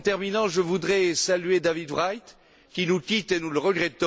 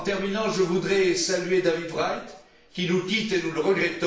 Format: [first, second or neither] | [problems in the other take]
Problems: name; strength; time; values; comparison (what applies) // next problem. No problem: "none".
first | room echo; dies away in 0.6 s